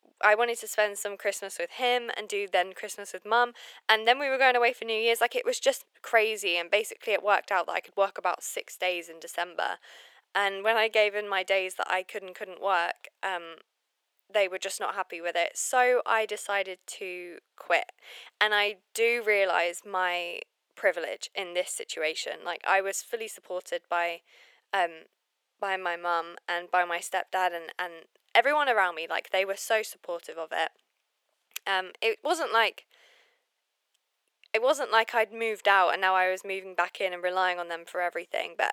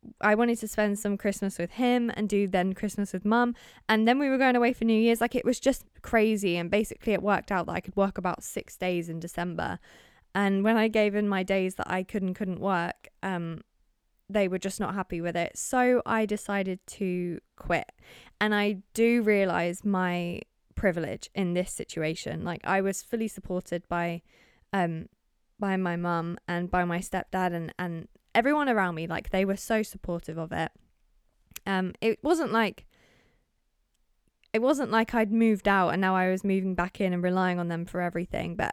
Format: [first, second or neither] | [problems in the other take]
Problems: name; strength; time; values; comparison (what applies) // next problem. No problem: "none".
second | thin; very; fading below 500 Hz